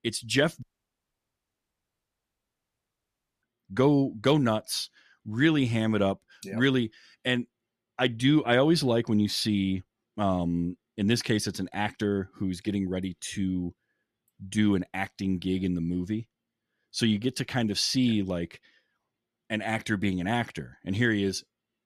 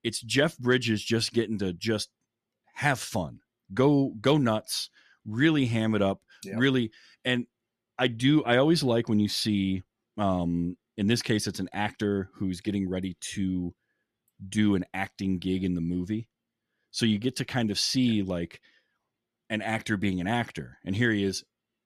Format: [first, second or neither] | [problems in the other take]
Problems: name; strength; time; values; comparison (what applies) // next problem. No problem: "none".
second | audio cutting out; at 0.5 s for 3 s